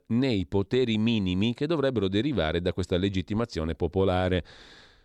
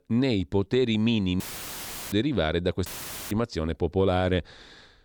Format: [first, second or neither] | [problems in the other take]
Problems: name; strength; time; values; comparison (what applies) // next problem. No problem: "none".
first | audio cutting out; filled with static; at 1.5 s for 0.5 s and at 3 s